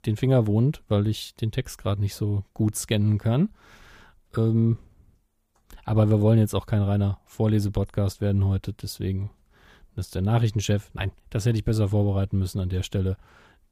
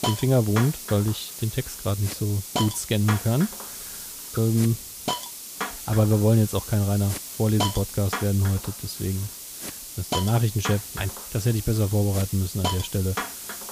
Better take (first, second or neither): first